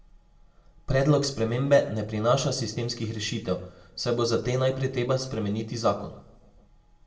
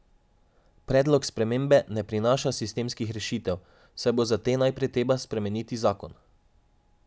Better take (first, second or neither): second